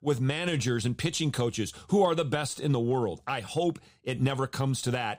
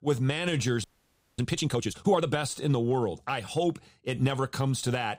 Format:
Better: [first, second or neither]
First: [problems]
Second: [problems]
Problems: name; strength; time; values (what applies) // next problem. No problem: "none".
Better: first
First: none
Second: audio freezing; at 1 s for 0.5 s